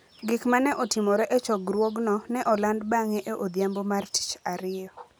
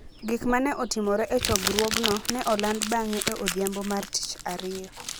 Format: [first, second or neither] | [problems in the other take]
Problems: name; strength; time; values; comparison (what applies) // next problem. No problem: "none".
first | background sound (Crumpling, crinkling); 5 dB below the speech